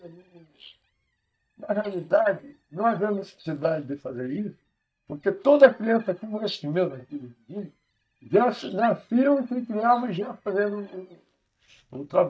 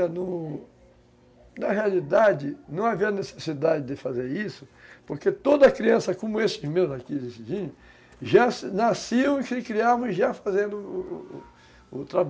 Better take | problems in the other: second | noise reduction (neural mask model DeepFilterNet 3)

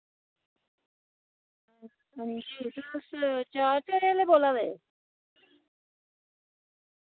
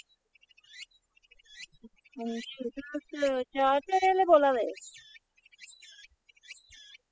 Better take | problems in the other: first | noise reduction (classical method spectral subtraction)

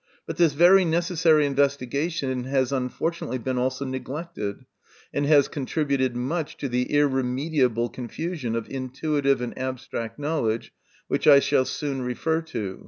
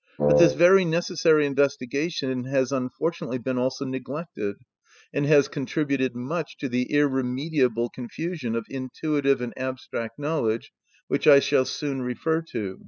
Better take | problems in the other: first | noise reduction (classical method spectral subtraction)

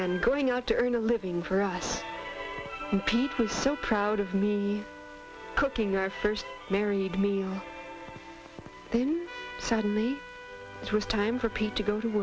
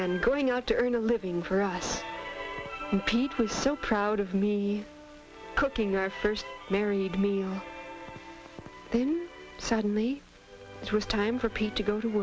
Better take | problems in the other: second | background sound (Trumpet); 19 dB below the speech

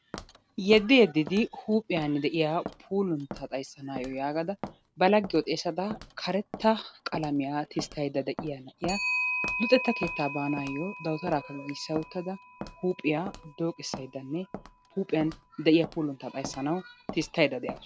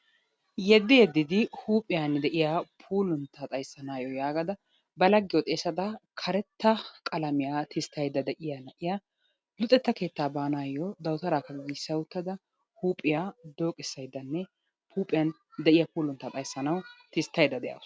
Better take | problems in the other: second | background sound (Clock + Walk, footsteps); 11 dB below the speech

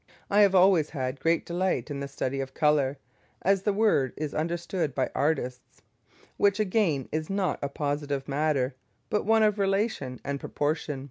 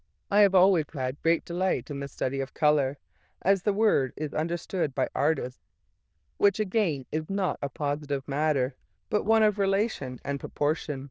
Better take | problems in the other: first | noise reduction (neural diffusion model UNIVERSE++)

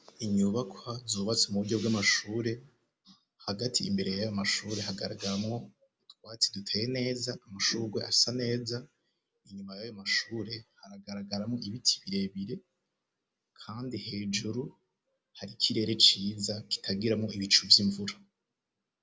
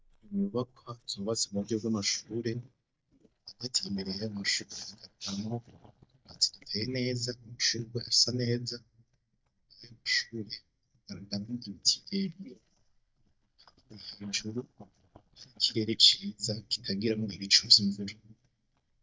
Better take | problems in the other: first | noise reduction (neural mask model DeepFilterNet 3)

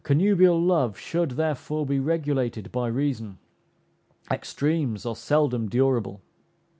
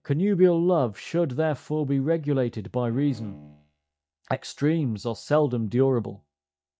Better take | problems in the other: first | noise reduction (neural mask model DeepFilterNet 3)

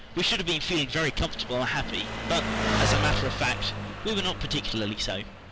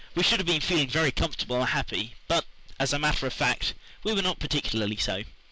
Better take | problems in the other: second | background sound (Engine); 3 dB below the speech

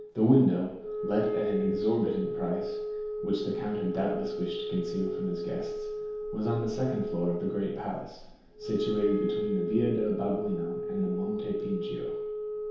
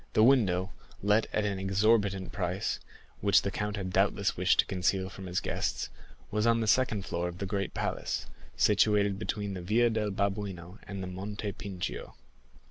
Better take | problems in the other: second | background sound (Wind instrument, woodwind instrument); 3 dB below the speech // room echo; dies away in 0.8 s

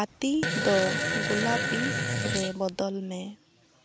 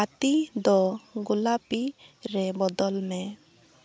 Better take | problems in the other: second | background sound (Fart); 1 dB above the speech

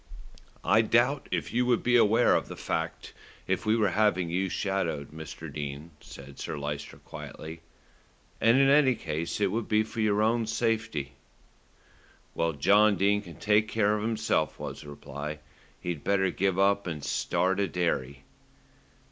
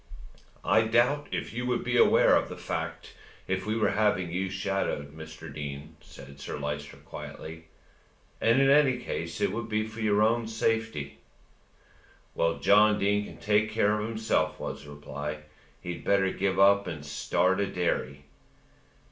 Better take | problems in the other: first | room echo; dies away in 0.3 s

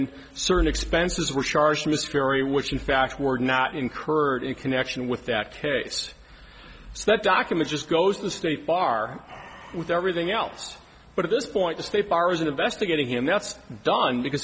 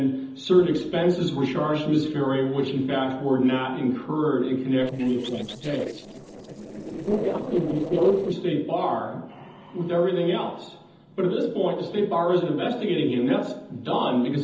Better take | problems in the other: first | noise reduction (neural separator model SepFormer DNS4)

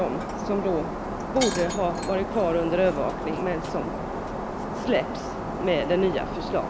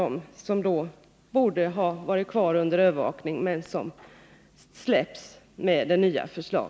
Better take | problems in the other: second | background sound (Shatter); 4 dB below the speech

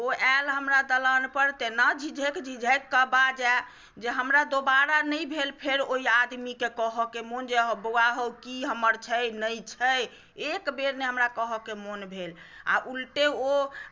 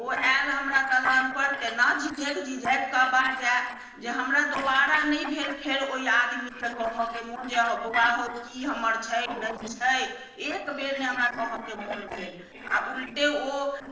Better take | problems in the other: first | noise reduction (neural separator model SepFormer DNS4)

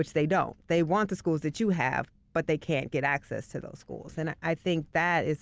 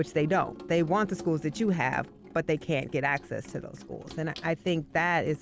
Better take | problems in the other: first | background sound (Sink (filling or washing) / Water tap, faucet); 17 dB below the speech

